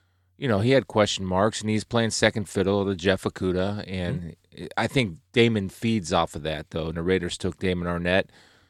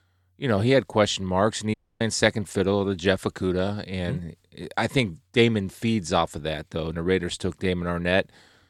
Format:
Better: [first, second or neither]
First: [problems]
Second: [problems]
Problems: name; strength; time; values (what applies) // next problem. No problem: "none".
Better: first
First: none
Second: audio cutting out; at 1.5 s